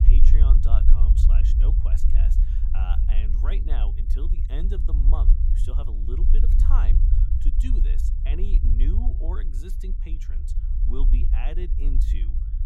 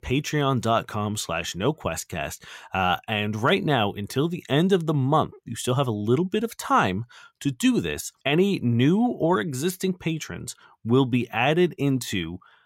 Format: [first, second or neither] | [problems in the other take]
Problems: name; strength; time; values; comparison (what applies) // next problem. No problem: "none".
second | low rumble; loud; throughout; 2 dB below the speech